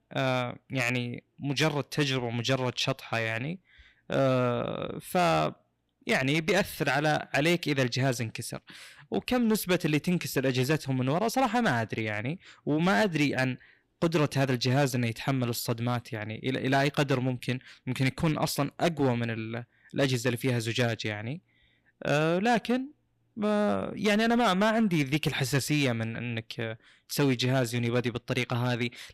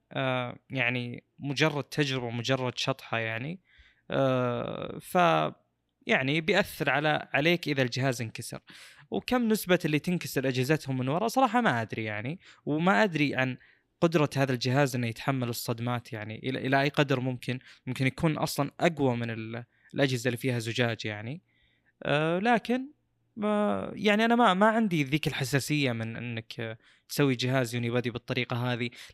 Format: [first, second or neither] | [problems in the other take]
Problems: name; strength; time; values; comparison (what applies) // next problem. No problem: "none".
second | distortion; slight; 5% of the sound clipped